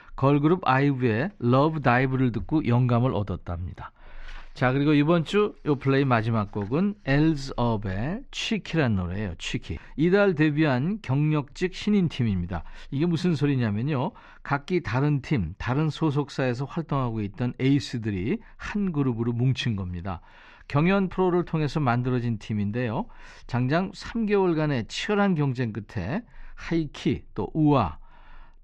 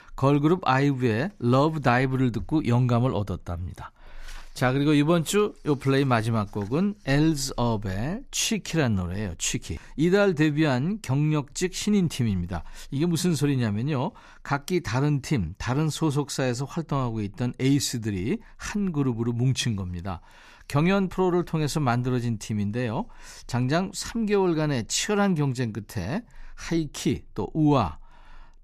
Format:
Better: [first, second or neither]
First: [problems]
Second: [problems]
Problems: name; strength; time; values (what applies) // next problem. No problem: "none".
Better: second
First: muffled; slightly; fading above 3 kHz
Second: none